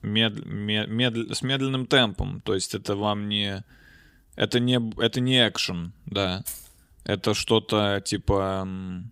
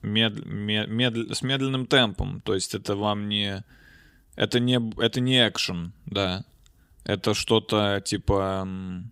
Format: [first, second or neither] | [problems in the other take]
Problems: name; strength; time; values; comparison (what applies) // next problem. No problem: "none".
second | jangling keys; faint; at 6.5 s; peak 10 dB below the speech